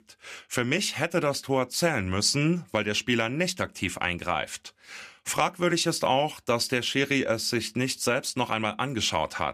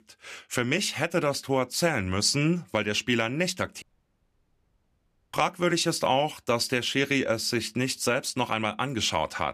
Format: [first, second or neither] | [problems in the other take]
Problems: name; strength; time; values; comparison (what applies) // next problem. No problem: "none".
first | audio cutting out; at 4 s for 1.5 s